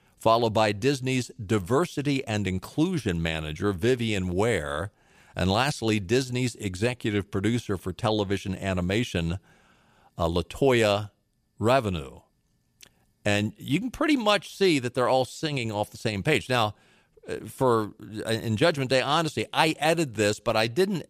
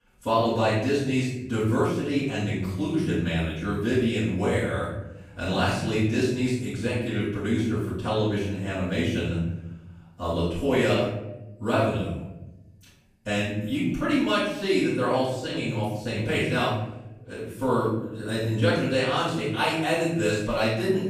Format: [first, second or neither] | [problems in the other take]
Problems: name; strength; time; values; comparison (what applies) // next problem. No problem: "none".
first | off-mic speech; far // room echo; strong; dies away in 1 s